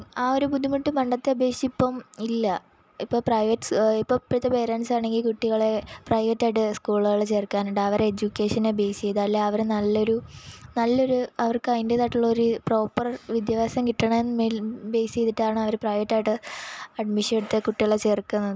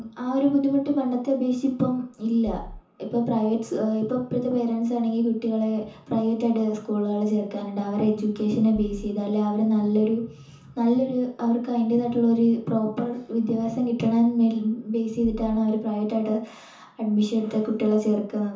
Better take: first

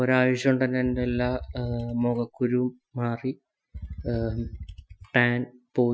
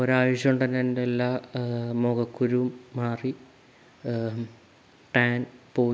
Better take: second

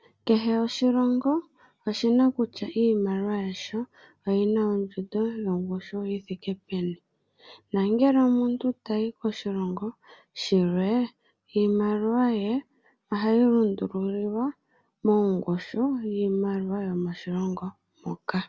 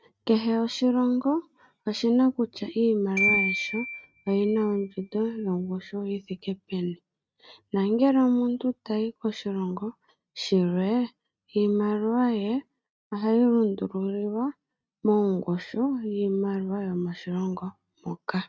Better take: first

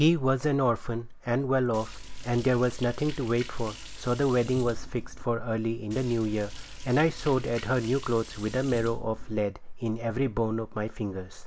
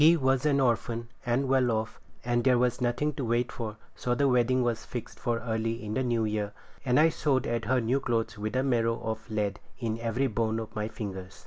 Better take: second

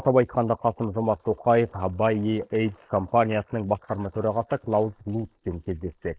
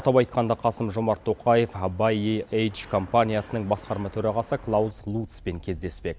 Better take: second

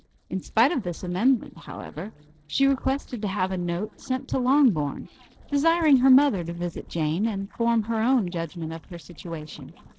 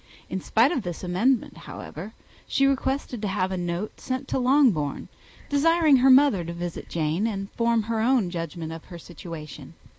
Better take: second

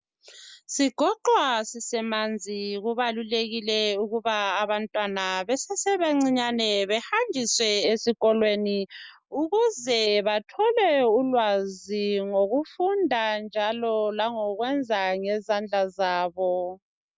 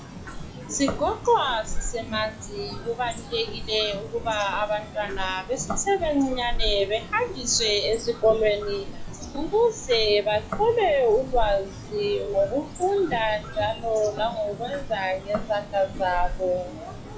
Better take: first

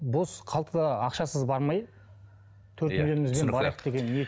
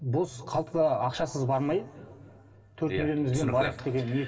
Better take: first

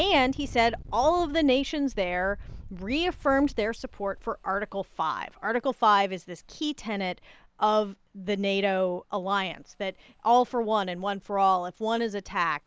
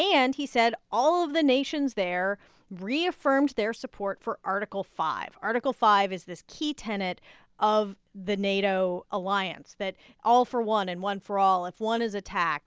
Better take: second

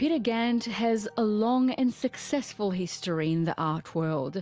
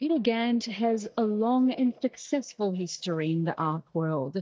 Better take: first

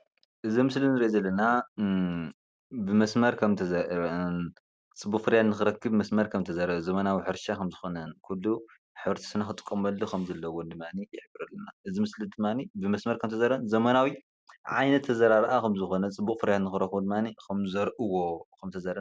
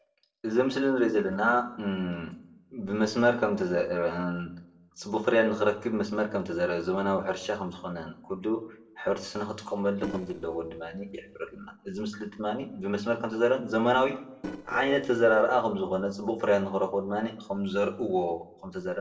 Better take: first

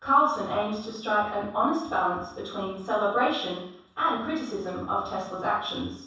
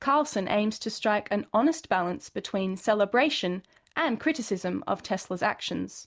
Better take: second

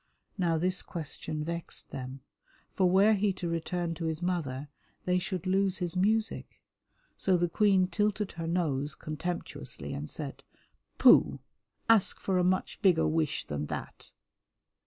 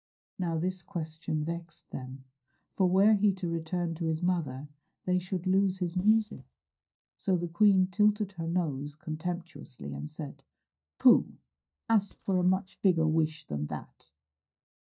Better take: first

